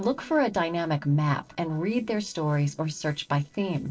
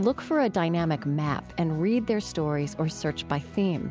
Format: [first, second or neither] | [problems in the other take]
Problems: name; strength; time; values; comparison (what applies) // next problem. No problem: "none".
second | noise reduction (neural separator model SepFormer DNS4)